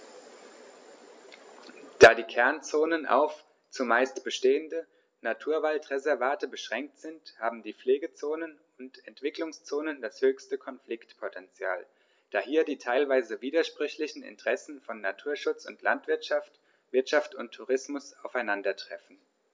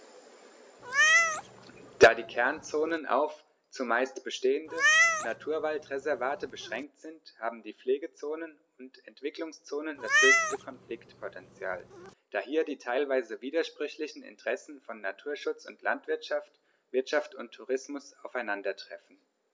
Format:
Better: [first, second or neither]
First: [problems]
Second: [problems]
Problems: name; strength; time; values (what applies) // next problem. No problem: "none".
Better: first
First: none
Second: background sound (Meow); 3 dB above the speech